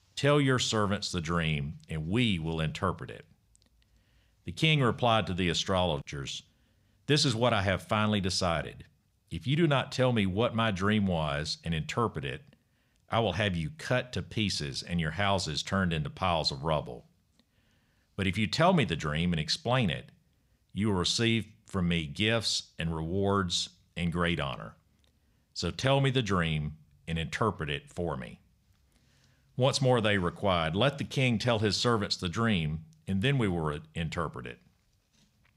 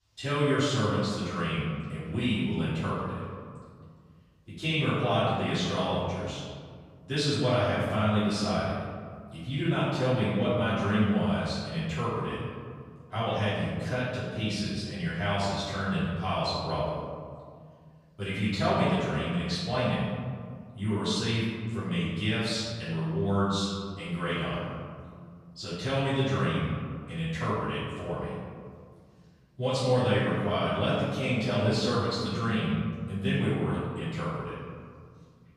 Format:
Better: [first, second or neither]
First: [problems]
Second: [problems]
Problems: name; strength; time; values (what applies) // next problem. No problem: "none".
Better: first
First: none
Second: off-mic speech; far // room echo; strong; dies away in 1.8 s